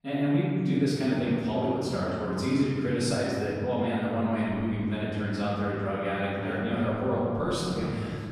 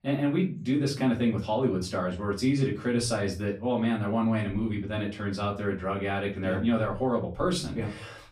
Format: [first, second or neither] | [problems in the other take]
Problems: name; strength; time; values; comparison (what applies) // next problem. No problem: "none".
second | room echo; strong; dies away in 2.9 s; slight in the second // off-mic speech; far; far in the second